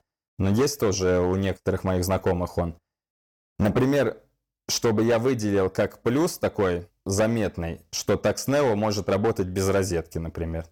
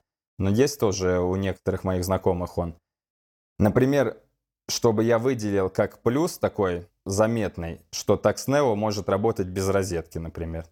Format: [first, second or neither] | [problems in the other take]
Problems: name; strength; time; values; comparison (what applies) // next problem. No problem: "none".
second | distortion; slight; 7% of the sound clipped